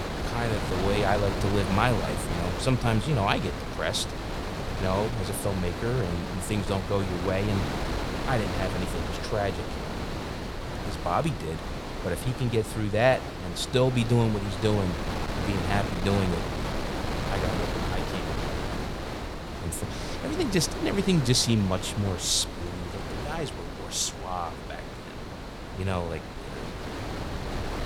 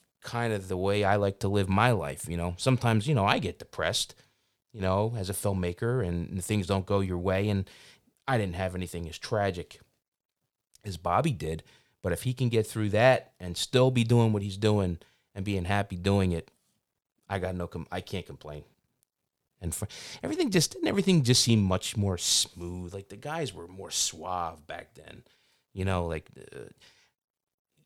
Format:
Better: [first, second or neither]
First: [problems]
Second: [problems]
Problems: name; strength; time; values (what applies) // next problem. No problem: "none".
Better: second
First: wind noise on the microphone; heavy; 5 dB below the speech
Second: none